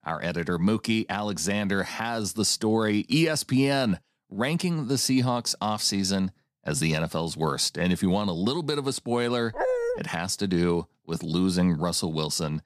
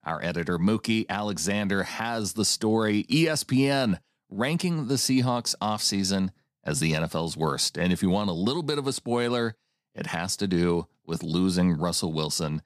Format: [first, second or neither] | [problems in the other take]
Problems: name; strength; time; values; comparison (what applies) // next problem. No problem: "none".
second | dog barking; noticeable; at 9.5 s; peak level with the speech